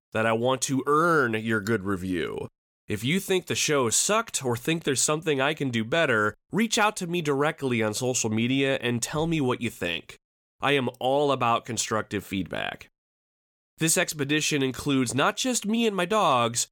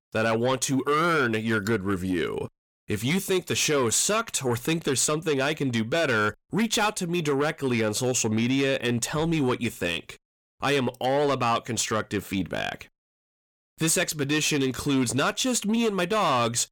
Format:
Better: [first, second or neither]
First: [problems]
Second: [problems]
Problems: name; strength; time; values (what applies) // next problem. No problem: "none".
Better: first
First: none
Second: distortion; slight; 10 dB below the speech